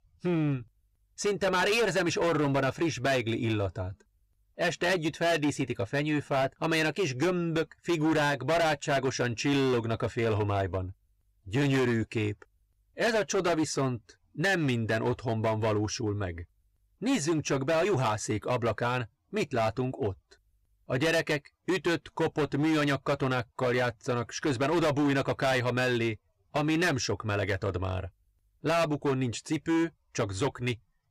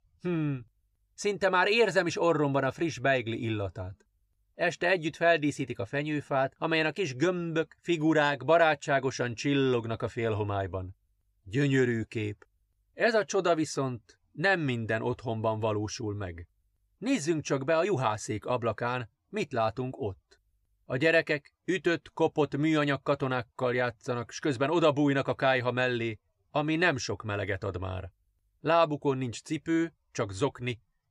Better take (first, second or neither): second